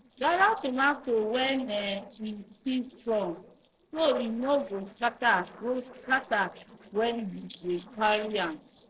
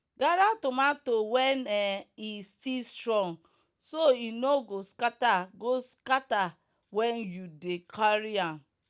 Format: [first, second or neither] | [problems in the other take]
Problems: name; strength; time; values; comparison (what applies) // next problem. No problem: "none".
second | noise reduction (neural separator model SepFormer DNS4)